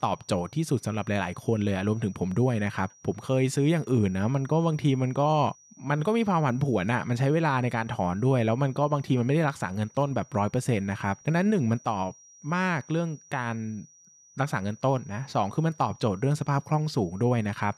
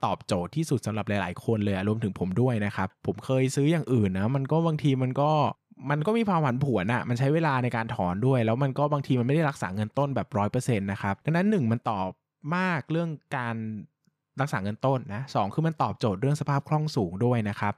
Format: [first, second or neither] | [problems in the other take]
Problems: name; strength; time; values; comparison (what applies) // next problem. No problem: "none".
second | high-pitched whine; faint; throughout; 6 kHz, 25 dB below the speech